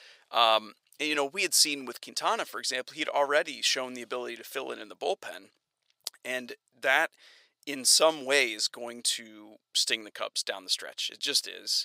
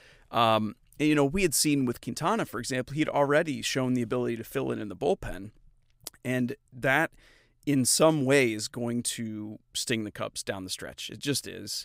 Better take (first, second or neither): second